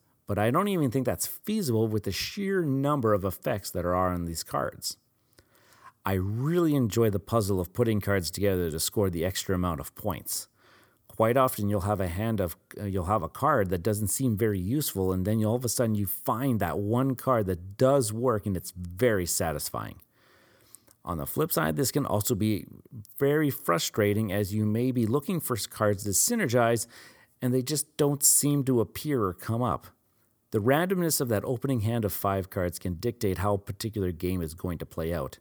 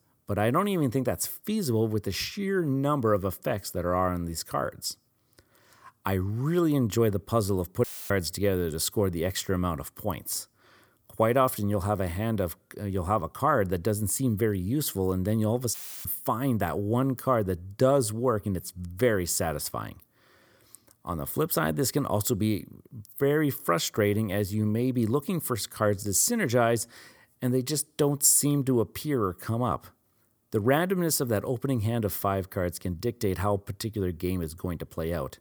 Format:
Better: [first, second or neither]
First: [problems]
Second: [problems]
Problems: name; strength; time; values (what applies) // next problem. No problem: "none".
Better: first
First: none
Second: audio cutting out; filled with static; at 8 s and at 16 s